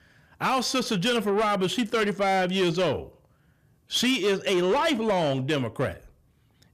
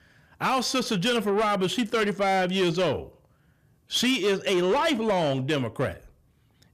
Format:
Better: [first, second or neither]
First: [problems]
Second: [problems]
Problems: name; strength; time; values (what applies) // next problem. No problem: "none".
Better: neither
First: distortion; slight; 10 dB below the speech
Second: distortion; slight; 10 dB below the speech